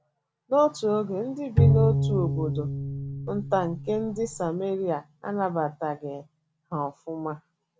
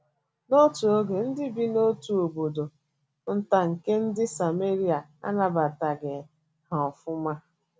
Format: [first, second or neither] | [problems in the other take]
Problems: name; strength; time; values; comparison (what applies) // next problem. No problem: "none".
second | background sound (Bowed string instrument); 4 dB above the speech